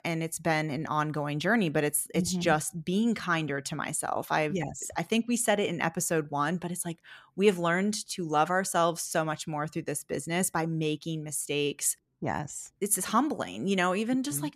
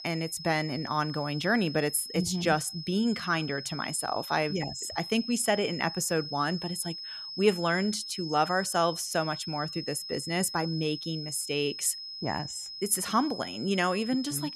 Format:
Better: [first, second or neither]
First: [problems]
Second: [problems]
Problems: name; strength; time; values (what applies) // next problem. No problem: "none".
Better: first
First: none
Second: high-pitched whine; loud; throughout; 5 kHz, 8 dB below the speech